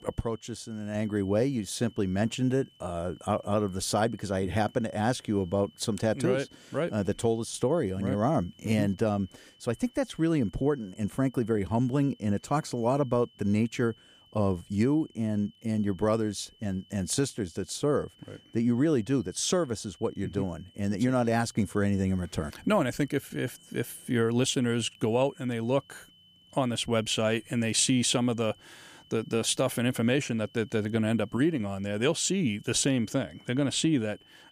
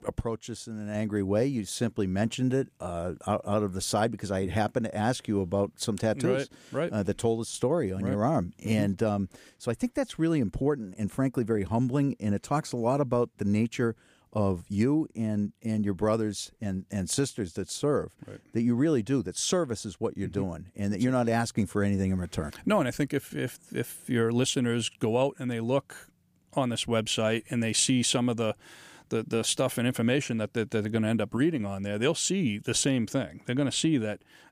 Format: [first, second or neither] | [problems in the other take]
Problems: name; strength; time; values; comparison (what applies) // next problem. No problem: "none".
second | high-pitched whine; faint; throughout; 3 kHz, 30 dB below the speech